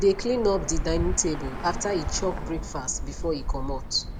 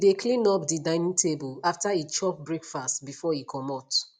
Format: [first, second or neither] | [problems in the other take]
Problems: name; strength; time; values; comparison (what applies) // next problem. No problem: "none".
second | background sound (Bird); 3 dB below the speech